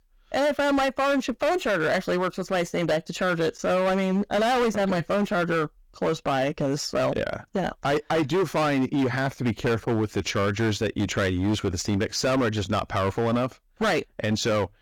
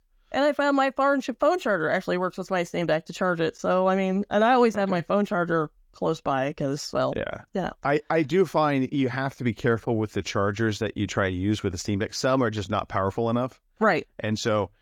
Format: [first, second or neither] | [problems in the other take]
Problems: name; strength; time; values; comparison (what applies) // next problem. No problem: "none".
second | distortion; heavy; 18% of the sound clipped